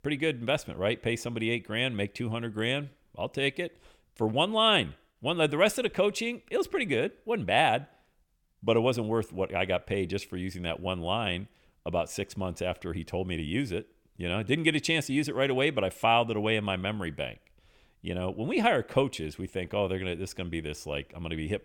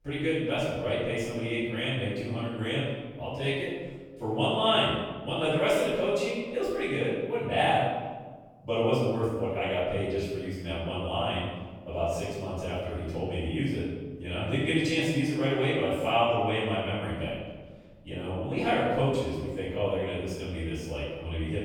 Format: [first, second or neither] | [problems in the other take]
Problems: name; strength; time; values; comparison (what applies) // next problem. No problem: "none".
first | off-mic speech; far // room echo; strong; dies away in 1.3 s